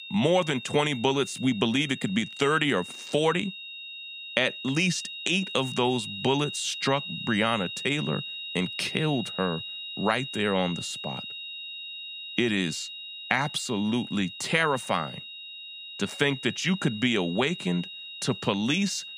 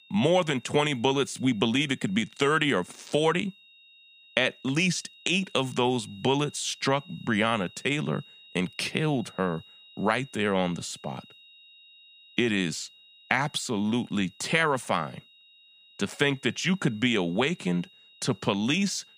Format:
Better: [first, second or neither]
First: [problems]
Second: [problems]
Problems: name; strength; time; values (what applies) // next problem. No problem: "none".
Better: second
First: high-pitched whine; loud; throughout; 4 kHz, 9 dB below the speech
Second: high-pitched whine; faint; throughout; 4 kHz, 25 dB below the speech